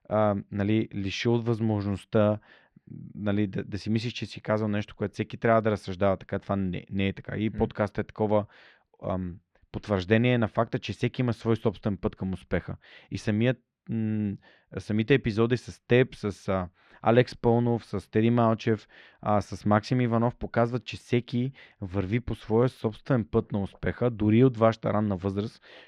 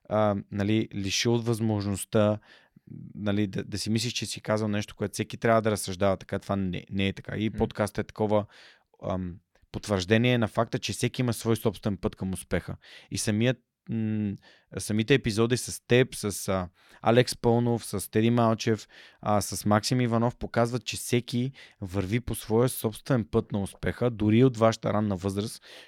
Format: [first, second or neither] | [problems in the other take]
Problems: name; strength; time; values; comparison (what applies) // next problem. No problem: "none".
second | muffled; slightly; fading above 3 kHz